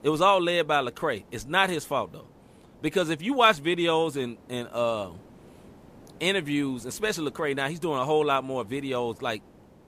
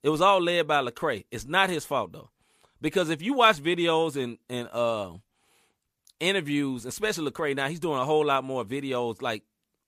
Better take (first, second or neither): second